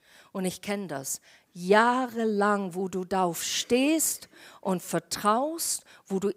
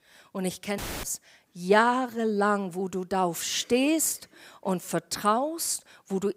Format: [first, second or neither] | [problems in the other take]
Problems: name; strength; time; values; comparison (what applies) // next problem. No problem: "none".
first | audio cutting out; filled with static; at 1 s